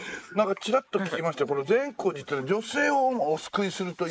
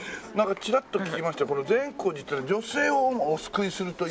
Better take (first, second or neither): second